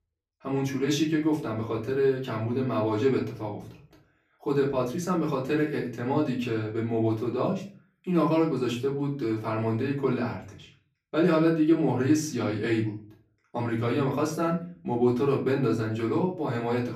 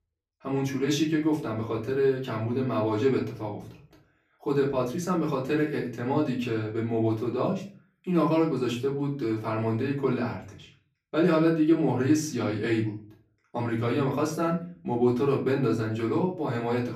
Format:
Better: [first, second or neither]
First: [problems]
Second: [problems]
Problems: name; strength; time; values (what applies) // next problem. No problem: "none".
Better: neither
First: room echo; slight; dies away in 0.4 s // off-mic speech; far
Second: room echo; slight; dies away in 0.4 s // off-mic speech; far